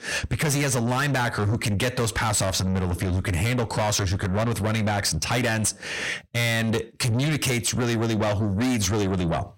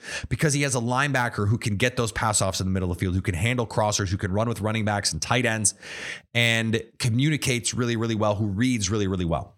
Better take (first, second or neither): second